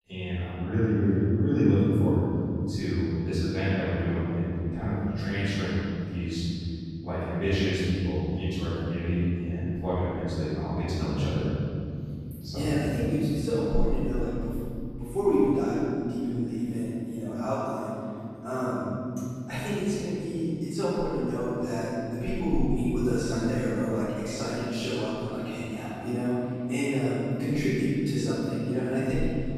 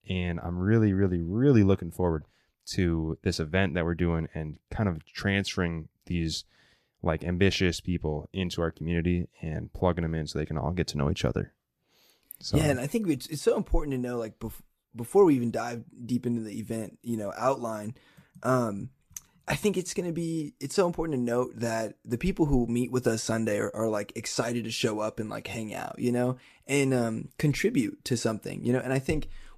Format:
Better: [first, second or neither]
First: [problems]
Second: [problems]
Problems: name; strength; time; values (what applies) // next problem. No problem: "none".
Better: second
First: off-mic speech; far // room echo; strong; dies away in 3 s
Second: none